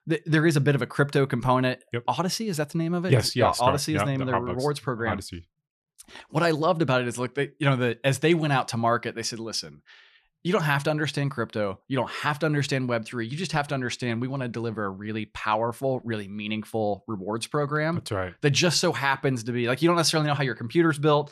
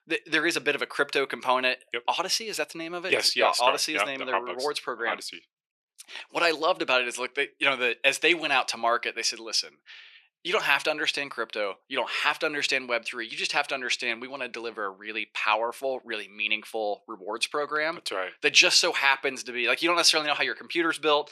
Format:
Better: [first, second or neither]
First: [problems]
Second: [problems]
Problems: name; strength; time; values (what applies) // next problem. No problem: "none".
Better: first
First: none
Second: thin; very; fading below 400 Hz